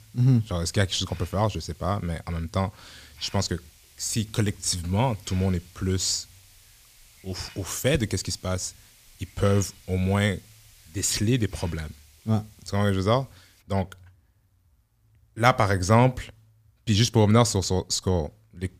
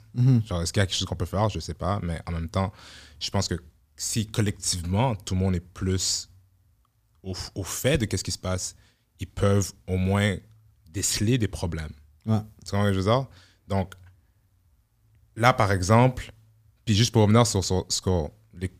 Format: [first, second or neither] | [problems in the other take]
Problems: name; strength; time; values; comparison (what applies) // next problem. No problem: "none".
second | hiss; faint; until 14 s; 25 dB below the speech